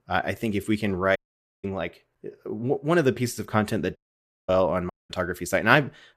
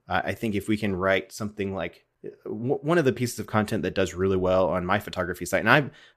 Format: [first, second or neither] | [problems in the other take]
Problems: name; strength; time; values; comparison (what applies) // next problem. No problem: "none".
second | audio cutting out; at 1 s, at 4 s for 0.5 s and at 5 s